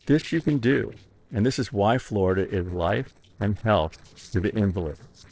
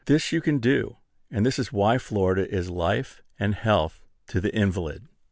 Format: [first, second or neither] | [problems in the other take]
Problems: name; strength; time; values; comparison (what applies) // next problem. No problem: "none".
second | noise reduction (neural separator model SepFormer DNS4)